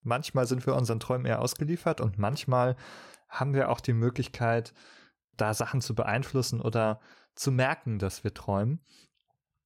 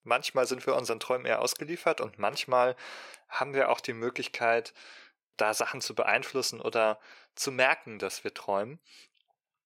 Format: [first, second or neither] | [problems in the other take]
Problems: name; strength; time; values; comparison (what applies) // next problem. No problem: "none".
first | thin; very; fading below 450 Hz